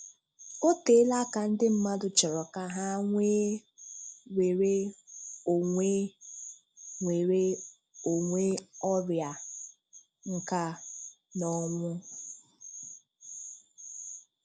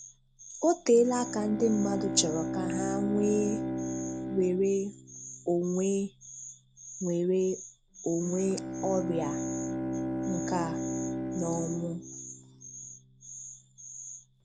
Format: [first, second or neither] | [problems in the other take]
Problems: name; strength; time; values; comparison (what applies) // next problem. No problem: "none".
first | background sound (Bowed string instrument); 5 dB below the speech